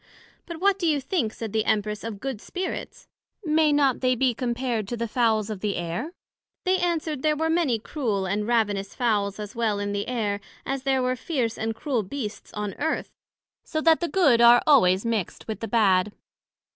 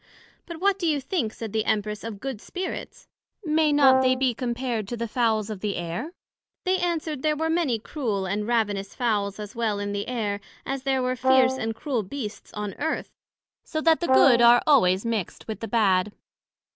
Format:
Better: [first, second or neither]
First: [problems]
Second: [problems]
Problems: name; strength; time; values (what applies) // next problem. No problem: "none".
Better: first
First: none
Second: background sound (Brass instrument); 1 dB above the speech